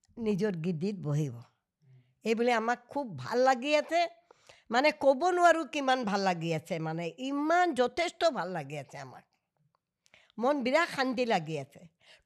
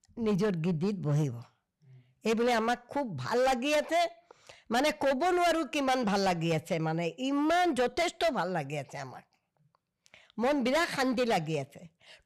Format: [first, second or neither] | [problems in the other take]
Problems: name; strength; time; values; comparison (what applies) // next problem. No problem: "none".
first | distortion; heavy; 11% of the sound clipped